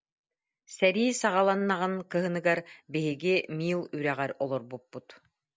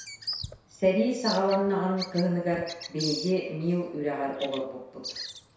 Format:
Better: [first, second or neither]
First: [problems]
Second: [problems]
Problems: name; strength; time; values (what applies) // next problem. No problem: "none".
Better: first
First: none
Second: background sound (Bird vocalization, bird call, bird song); 12 dB below the speech // room echo; dies away in 0.7 s